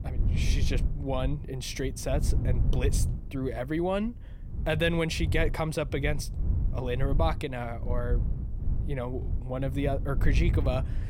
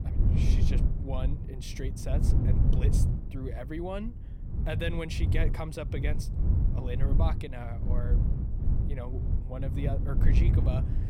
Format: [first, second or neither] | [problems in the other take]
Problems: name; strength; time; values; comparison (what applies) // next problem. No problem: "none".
first | wind noise on the microphone; heavy; 3 dB below the speech; occasional gusts in the first